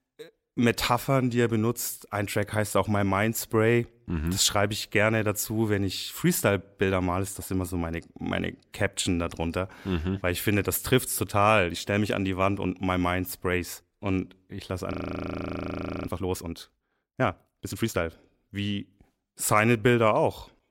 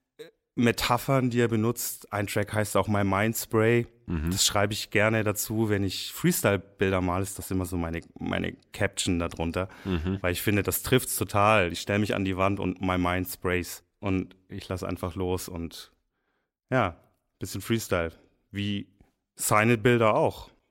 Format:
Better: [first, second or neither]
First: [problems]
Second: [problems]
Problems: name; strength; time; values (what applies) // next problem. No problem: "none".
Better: second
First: audio freezing; at 15 s for 1 s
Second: none